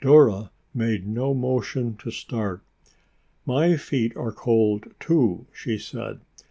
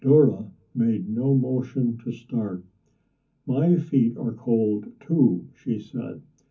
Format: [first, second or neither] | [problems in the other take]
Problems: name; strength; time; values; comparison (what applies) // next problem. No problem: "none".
first | room echo; dies away in 0.3 s